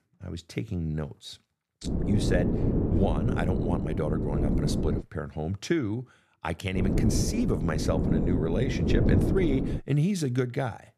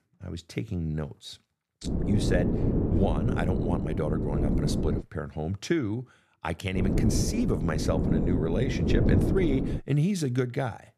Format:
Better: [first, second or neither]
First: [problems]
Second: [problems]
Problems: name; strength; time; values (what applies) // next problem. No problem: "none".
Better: neither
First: wind noise on the microphone; heavy; from 2 to 5 s and from 7 to 10 s; 1 dB below the speech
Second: wind noise on the microphone; heavy; from 2 to 5 s and from 7 to 10 s; 1 dB below the speech